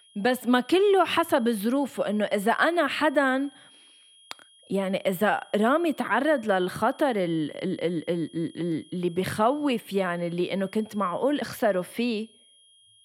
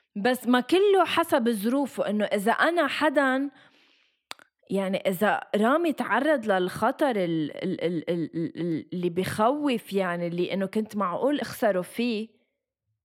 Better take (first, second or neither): second